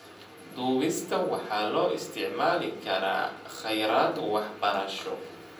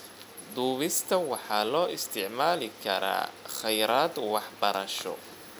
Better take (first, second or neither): second